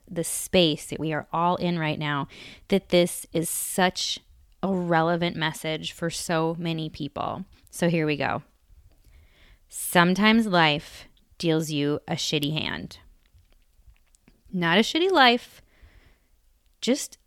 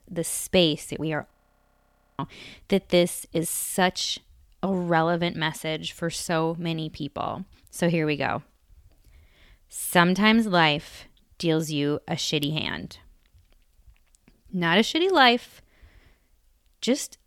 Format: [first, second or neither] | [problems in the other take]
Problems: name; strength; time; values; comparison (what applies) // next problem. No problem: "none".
first | audio freezing; at 1.5 s for 1 s